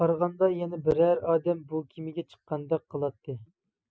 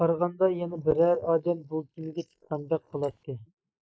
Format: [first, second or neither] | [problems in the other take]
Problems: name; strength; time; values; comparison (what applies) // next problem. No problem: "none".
first | noise reduction (neural mask model Resemble Enhance denoiser)